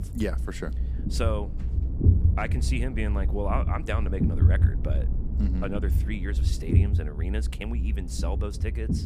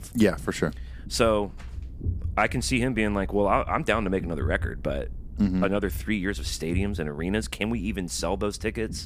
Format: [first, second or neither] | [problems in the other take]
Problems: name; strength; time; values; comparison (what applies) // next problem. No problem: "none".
second | low rumble; loud; throughout; 6 dB below the speech; faint in the second